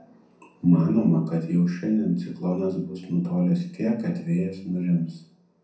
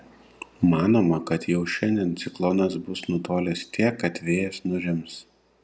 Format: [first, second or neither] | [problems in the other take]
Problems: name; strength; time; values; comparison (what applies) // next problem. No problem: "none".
second | room echo; dies away in 0.6 s